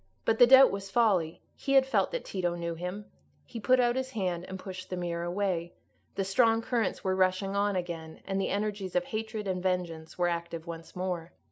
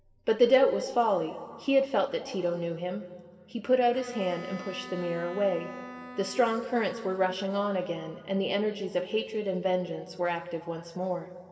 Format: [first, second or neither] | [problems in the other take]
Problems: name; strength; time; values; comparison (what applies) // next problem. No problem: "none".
first | background sound (Bowed string instrument); 16 dB below the speech // room echo; dies away in 2 s